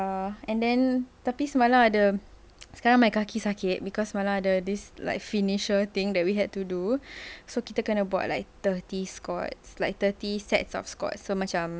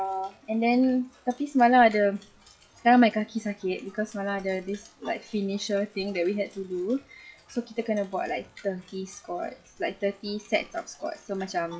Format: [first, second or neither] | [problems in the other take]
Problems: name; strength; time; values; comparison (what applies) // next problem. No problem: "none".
first | noise reduction (classical method WPE with log-MMSE)